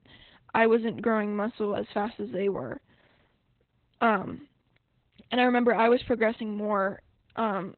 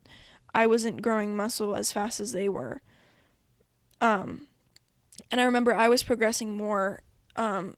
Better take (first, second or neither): second